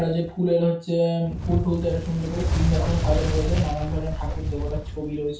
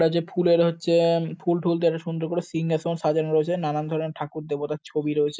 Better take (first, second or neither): second